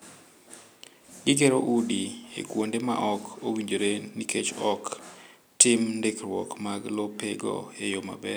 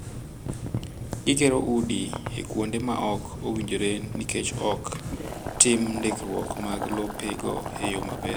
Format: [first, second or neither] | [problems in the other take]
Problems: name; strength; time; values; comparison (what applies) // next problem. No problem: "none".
first | background sound (Boiling); 6 dB below the speech